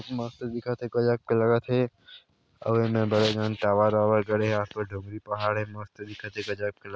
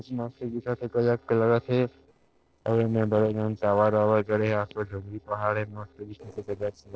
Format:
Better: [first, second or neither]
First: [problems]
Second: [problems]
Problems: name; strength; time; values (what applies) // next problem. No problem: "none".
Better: first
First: none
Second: noise reduction (neural separator model SepFormer DNS4)